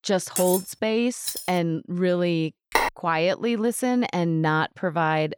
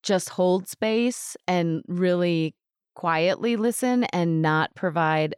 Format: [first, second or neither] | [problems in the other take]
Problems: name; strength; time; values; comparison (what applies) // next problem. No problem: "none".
second | clattering dishes; noticeable; at 0.5 s; peak 3 dB below the speech // jangling keys; noticeable; at 1 s; peak 7 dB below the speech // phone ringing; loud; at 3 s; peak level with the speech